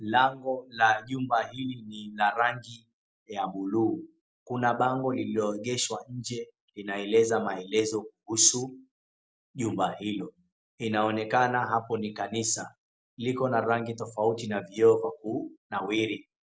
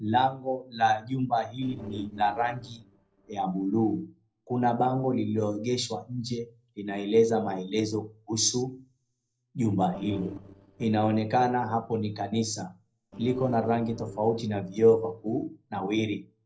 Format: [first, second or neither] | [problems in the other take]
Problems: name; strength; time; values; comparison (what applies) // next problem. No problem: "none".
first | noise reduction (neural separator model SepFormer DNS4)